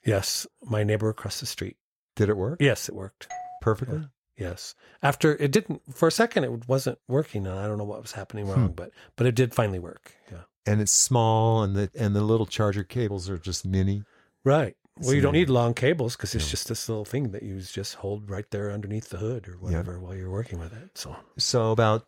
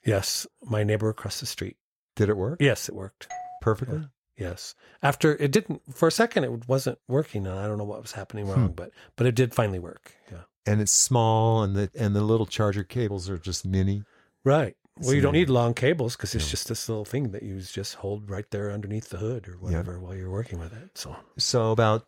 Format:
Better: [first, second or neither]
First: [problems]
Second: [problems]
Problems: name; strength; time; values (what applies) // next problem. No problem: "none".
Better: neither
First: doorbell; faint; at 3.5 s; peak 15 dB below the speech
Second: doorbell; faint; at 3.5 s; peak 15 dB below the speech